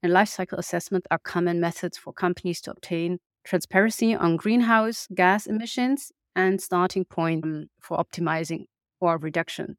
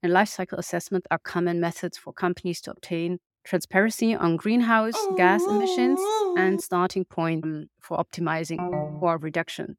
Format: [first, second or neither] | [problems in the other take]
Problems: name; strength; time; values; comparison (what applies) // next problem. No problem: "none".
first | dog barking; loud; from 5 to 6.5 s; peak 1 dB above the speech // phone ringing; noticeable; at 8.5 s; peak 4 dB below the speech